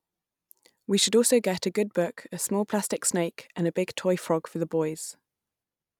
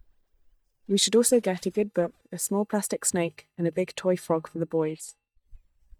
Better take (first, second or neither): first